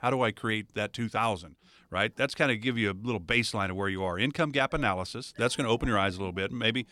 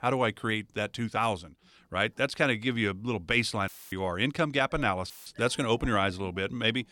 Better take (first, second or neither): first